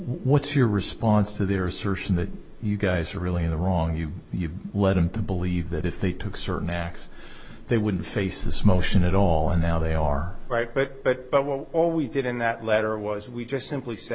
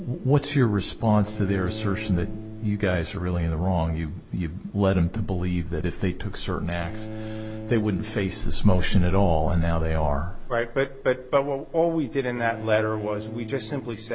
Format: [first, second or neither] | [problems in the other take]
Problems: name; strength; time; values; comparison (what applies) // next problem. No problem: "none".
first | background sound (Bowed string instrument); 16 dB below the speech